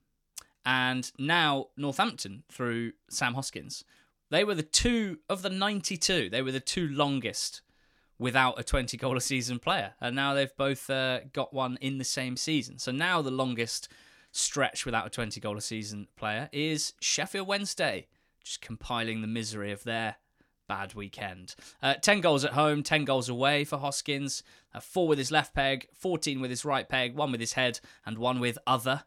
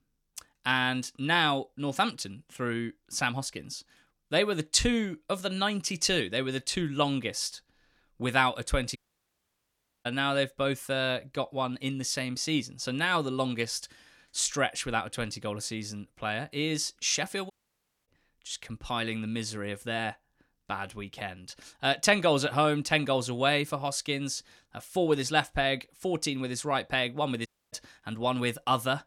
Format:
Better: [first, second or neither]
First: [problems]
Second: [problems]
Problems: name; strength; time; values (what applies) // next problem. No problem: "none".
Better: first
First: none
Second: audio cutting out; at 9 s for 1 s, at 18 s for 0.5 s and at 27 s